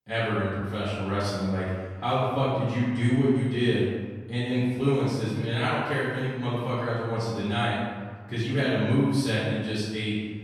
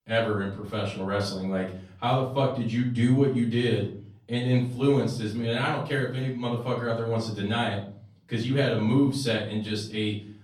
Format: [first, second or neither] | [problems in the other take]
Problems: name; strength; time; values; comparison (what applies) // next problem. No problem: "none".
second | room echo; strong; dies away in 1.5 s; slight in the second // off-mic speech; far; far in the second